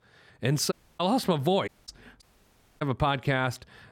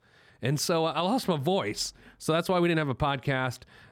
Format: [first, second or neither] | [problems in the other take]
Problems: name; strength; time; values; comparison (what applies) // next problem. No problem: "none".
second | audio cutting out; at 0.5 s, at 1.5 s and at 2 s for 0.5 s